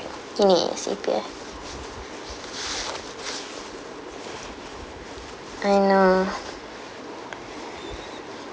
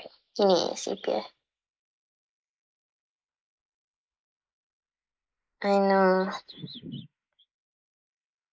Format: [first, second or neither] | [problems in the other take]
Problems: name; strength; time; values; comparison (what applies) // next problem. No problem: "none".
first | noise reduction (neural mask model Resemble Enhance denoiser)